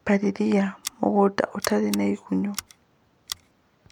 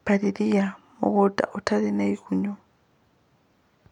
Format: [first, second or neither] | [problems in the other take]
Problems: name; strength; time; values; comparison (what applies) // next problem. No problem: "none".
second | background sound (Scissors); 16 dB below the speech